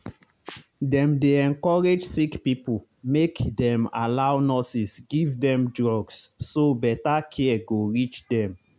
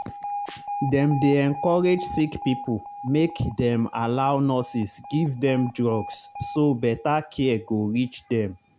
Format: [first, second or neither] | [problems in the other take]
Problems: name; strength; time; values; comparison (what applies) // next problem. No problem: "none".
first | background sound (Alarm); 13 dB below the speech